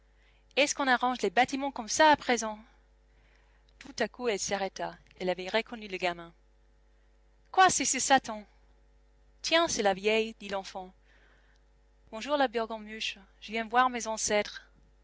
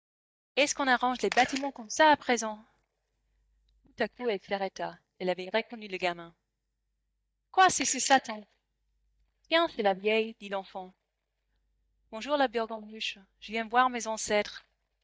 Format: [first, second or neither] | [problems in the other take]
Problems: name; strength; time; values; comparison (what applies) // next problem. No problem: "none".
first | noise reduction (neural mask model DeepFilterNet 3)